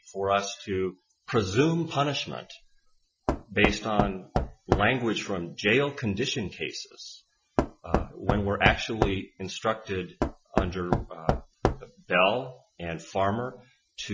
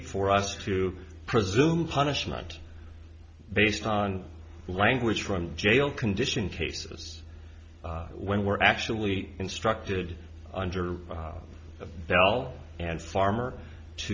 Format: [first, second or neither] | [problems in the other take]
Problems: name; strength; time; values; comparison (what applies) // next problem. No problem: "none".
second | noise reduction (classical method Wiener filter)